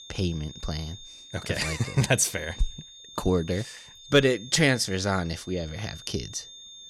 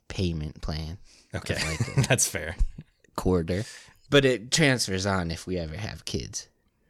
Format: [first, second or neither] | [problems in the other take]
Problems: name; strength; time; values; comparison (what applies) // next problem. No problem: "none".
second | high-pitched whine; noticeable; throughout; 3.5 kHz, 15 dB below the speech